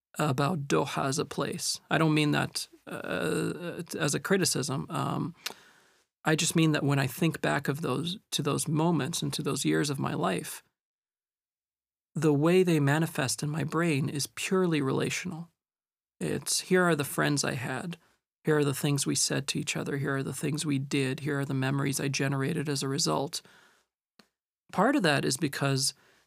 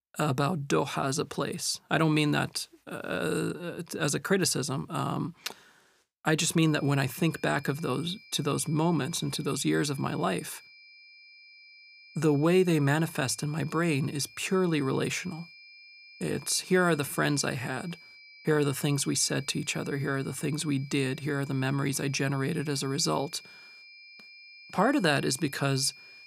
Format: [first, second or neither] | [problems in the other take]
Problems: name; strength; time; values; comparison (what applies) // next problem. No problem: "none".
first | high-pitched whine; faint; from 6.5 s on; 2.5 kHz, 20 dB below the speech